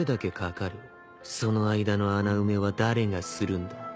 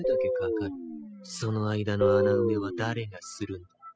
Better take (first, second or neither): first